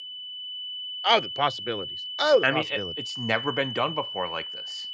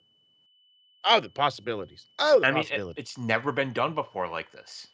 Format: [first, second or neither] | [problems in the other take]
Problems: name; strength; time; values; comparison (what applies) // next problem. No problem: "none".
second | high-pitched whine; loud; throughout; 3 kHz, 7 dB below the speech; faint in the second